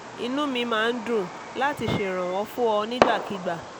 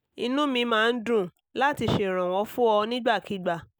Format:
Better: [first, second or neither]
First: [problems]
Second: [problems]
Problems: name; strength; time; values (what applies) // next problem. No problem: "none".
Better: second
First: background sound (Fireworks); 5 dB below the speech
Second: none